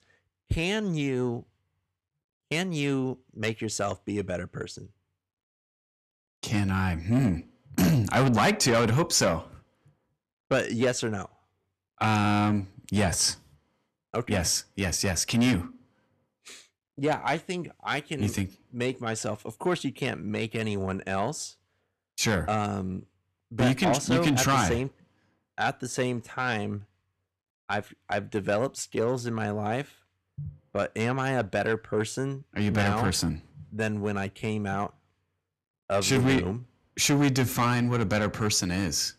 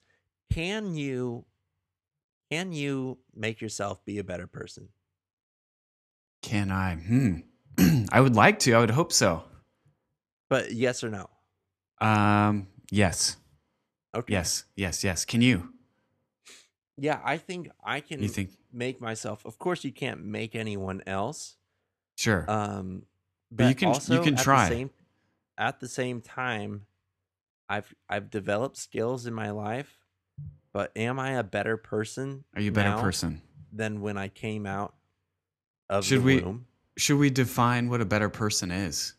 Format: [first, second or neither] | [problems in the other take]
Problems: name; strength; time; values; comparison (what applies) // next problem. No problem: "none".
second | distortion; heavy; 7 dB below the speech